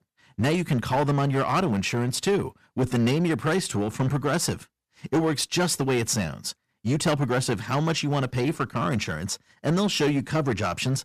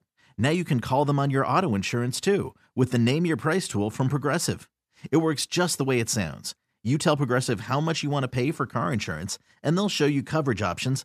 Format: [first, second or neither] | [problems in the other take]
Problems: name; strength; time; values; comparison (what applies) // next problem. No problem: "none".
second | distortion; slight; 9% of the sound clipped